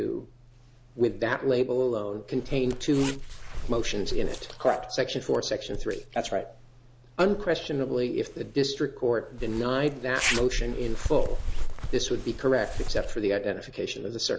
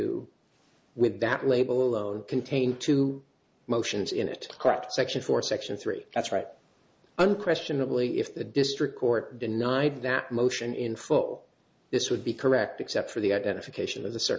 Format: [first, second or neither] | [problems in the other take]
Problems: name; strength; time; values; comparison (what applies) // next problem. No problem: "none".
second | background sound (Zipper (clothing)); 4 dB below the speech